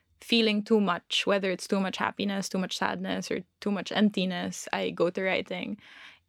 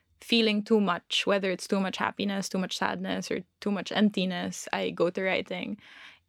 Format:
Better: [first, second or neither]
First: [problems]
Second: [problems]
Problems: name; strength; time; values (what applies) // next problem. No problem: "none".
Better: neither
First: none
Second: none